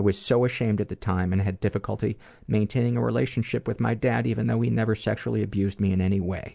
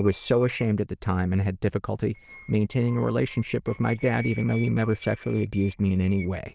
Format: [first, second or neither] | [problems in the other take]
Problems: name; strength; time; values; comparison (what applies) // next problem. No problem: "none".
first | noise reduction (neural diffusion model UNIVERSE++)